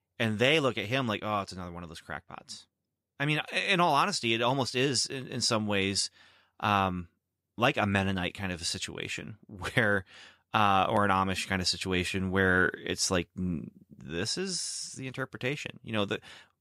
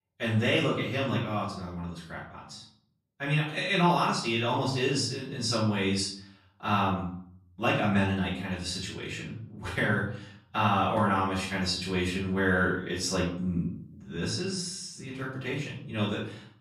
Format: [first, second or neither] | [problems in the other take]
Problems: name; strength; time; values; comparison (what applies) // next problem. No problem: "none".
first | room echo; noticeable; dies away in 0.6 s // off-mic speech; far